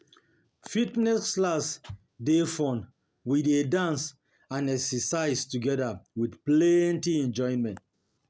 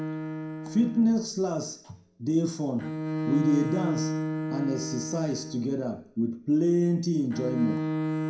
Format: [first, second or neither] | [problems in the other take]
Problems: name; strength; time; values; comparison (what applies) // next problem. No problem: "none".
first | background sound (Bowed string instrument); 5 dB below the speech // room echo; dies away in 0.4 s